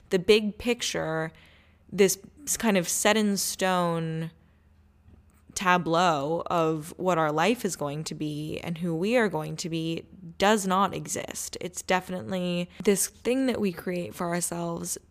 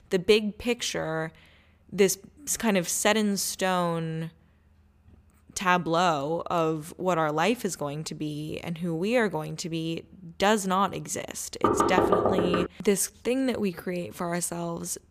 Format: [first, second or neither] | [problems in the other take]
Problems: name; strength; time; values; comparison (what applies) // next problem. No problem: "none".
first | door banging; loud; from 12 to 13 s; peak 4 dB above the speech